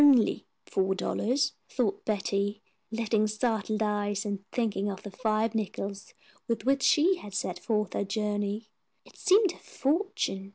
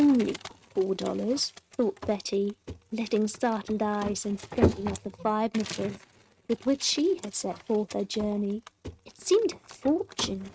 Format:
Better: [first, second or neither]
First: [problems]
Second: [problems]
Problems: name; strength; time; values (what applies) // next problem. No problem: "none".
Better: first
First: none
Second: noise reduction (neural mask model RNNoise)